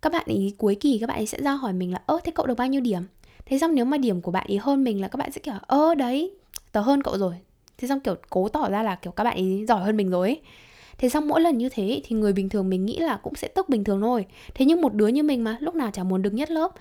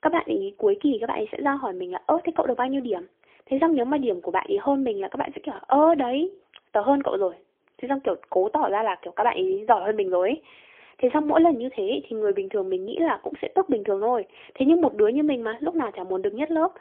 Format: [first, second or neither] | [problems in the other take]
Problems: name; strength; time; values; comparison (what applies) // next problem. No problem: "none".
first | phone-call audio; poor line; nothing above 3.5 kHz